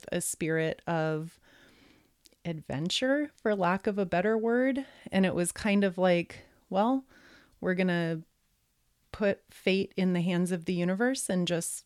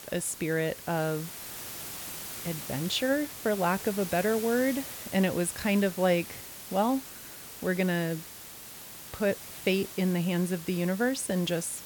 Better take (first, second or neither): first